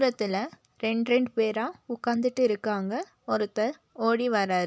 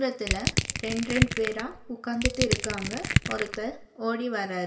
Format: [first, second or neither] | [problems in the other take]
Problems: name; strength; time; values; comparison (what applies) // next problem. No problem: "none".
first | background sound (Crushing); 2 dB above the speech // room echo; dies away in 1.7 s